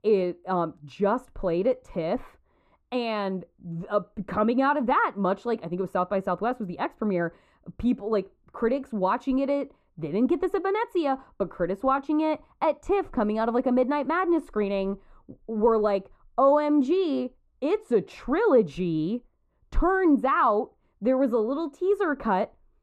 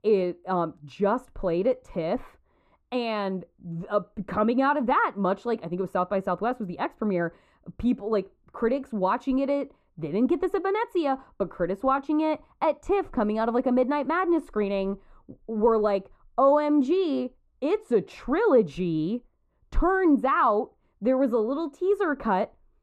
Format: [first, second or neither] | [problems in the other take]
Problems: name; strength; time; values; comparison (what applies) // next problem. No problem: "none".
neither | muffled; very; fading above 2.5 kHz; the same in both